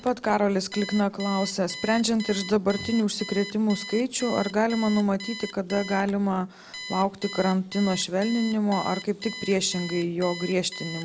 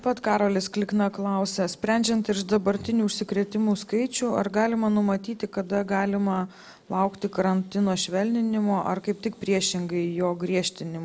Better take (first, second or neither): second